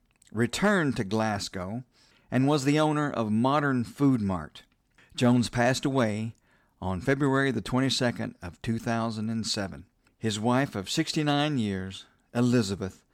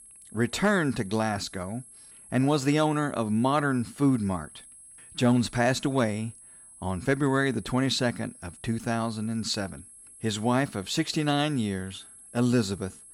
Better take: first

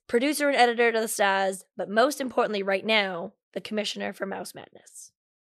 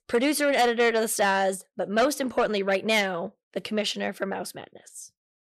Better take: first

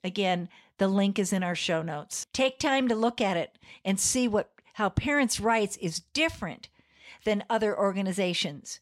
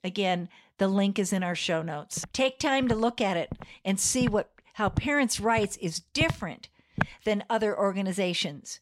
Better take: first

